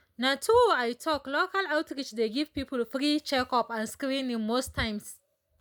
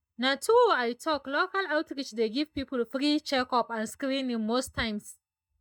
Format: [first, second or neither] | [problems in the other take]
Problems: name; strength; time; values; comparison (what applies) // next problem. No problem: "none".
first | noise reduction (neural mask model DeepFilterNet 3)